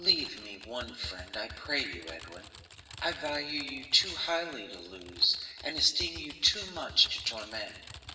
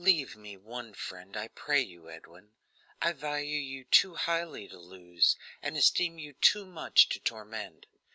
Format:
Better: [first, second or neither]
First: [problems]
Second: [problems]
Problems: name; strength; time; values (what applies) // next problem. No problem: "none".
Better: second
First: background sound (Typing); 16 dB below the speech // room echo; dies away in 1.2 s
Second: none